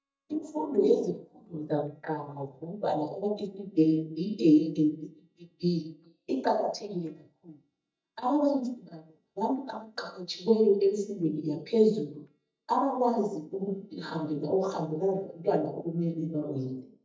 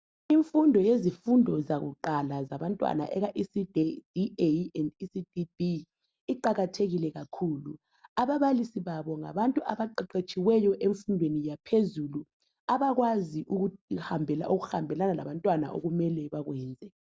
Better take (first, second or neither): second